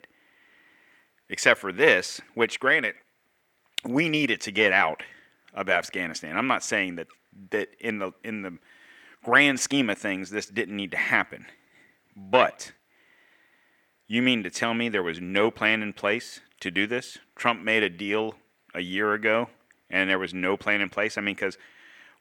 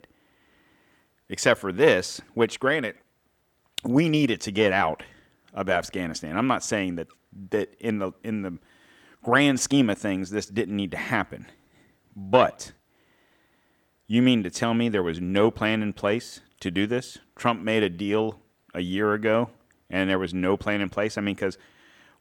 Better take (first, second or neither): second